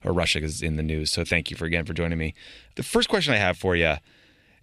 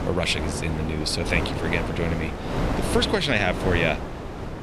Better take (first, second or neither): first